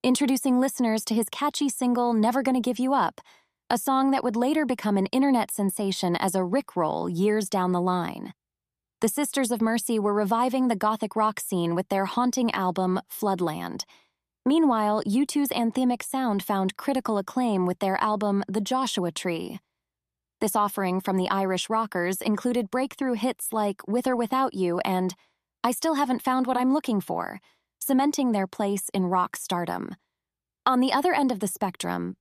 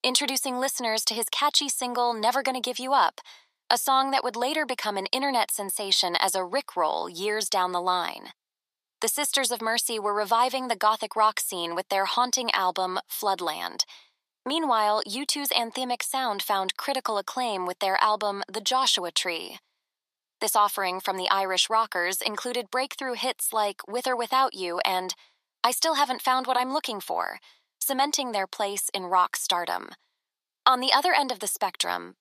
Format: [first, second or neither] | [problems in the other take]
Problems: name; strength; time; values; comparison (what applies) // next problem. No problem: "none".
first | thin; very; fading below 650 Hz